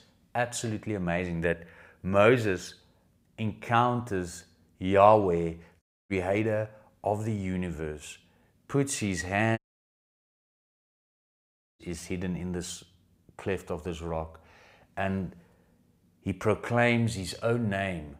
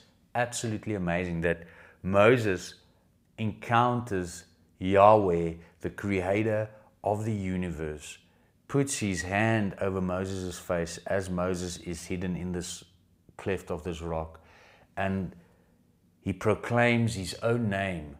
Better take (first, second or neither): second